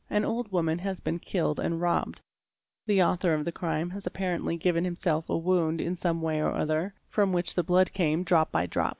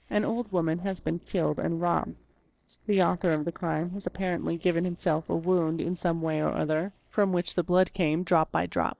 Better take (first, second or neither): first